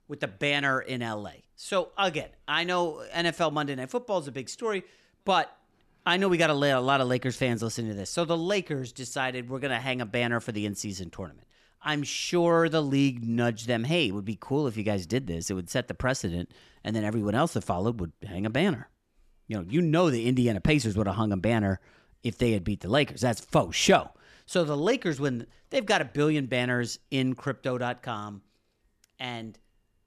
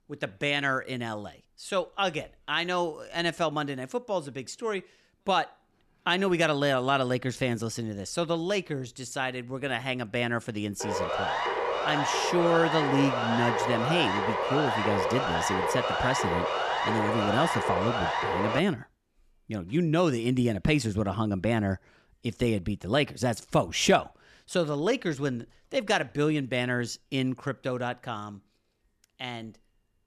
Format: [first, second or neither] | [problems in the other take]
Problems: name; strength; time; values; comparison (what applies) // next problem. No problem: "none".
first | siren; loud; from 11 to 19 s; peak 1 dB above the speech